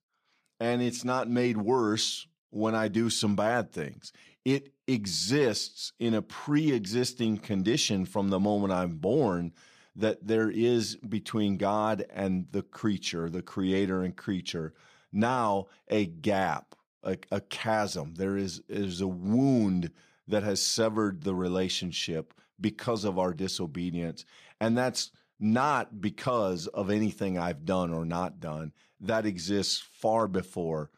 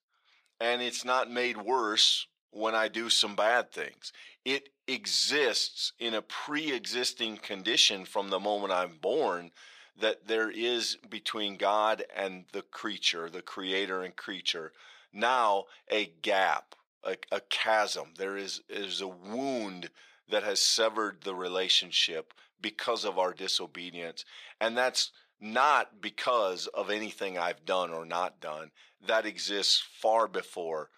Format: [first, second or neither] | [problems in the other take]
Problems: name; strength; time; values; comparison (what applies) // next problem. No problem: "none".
first | thin; very; fading below 550 Hz